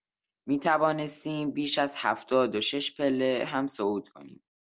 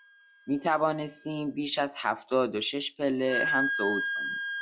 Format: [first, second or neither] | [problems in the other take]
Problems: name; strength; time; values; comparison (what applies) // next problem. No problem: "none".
first | noise reduction (classical method log-MMSE)